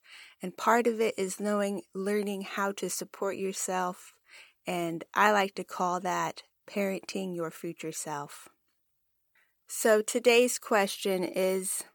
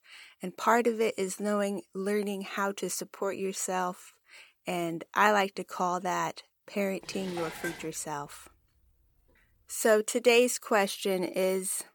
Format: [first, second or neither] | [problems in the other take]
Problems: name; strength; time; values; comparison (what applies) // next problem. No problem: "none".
first | clattering dishes; noticeable; at 7 s; peak 8 dB below the speech